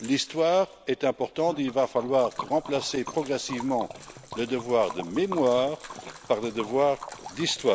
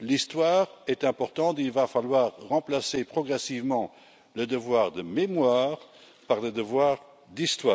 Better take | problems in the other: second | background sound (Liquid); 15 dB below the speech

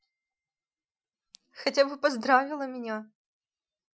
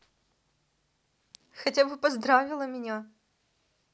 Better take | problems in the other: second | noise reduction (classical method Wiener filter)

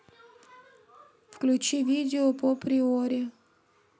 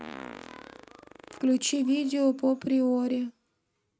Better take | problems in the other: first | noise reduction (neural mask model RNNoise)

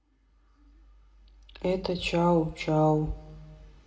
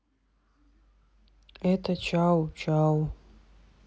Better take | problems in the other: second | room echo; dies away in 1.8 s

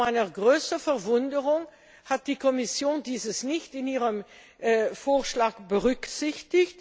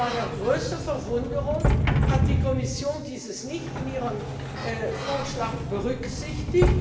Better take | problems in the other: first | background sound (Sliding door); 2 dB above the speech // room echo; dies away in 1.1 s

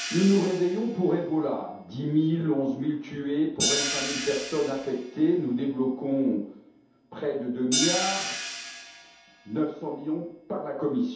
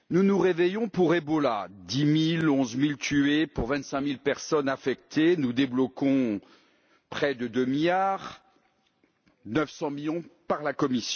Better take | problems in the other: second | background sound (Hi-hat); 8 dB below the speech // room echo; dies away in 0.8 s

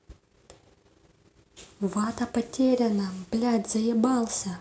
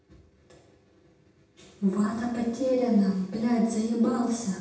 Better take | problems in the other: first | room echo; dies away in 0.9 s

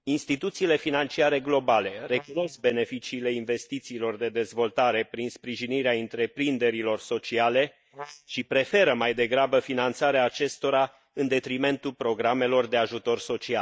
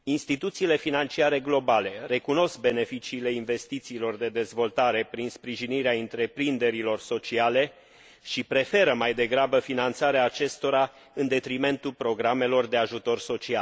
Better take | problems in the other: second | noise reduction (neural mask model DeepFilterNet 3)

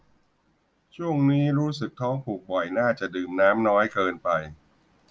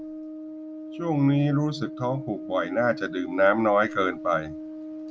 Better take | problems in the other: first | background sound (Brass instrument); 11 dB below the speech

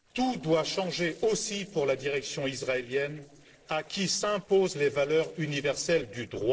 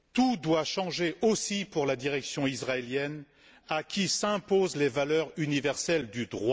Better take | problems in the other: second | noise reduction (neural separator model SepFormer DNS4)

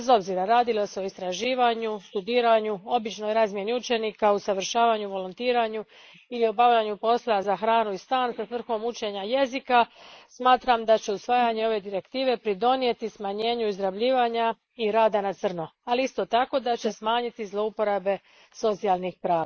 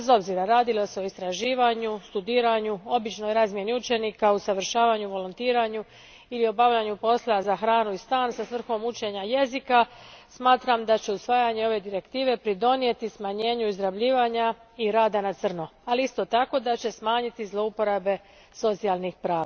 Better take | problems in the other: second | noise reduction (neural mask model Resemble Enhance denoiser)

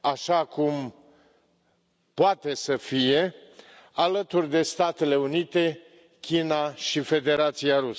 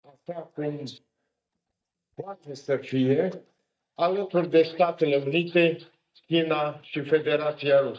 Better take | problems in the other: first | noise reduction (neural mask model DeepFilterNet 3)

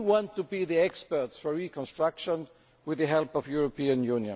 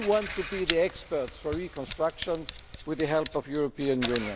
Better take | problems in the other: first | background sound (Camera + Engine / Car); 10 dB below the speech

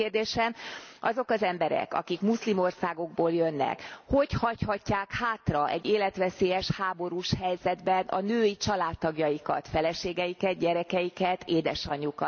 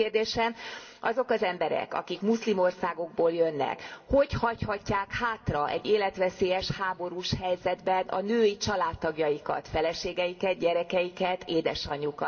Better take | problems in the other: first | room echo; dies away in 0.3 s

